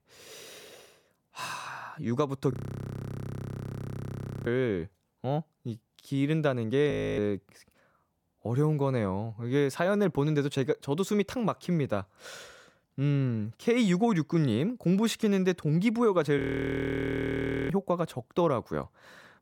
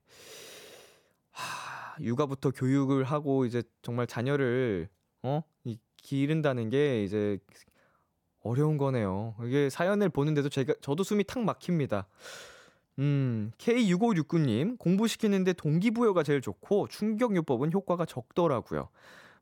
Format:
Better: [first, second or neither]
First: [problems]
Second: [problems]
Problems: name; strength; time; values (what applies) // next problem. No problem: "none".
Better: second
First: audio freezing; at 2.5 s for 2 s, at 7 s and at 16 s for 1.5 s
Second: none